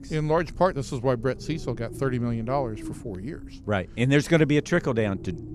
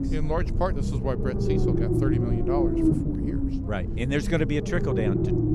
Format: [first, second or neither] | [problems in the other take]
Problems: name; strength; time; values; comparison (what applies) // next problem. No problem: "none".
first | low rumble; loud; throughout; as loud as the speech; faint in the first